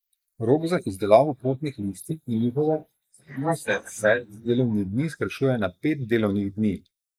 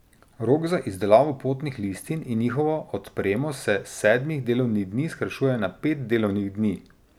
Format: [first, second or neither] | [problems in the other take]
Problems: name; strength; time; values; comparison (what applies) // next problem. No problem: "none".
second | noise reduction (neural mask model Resemble Enhance denoiser)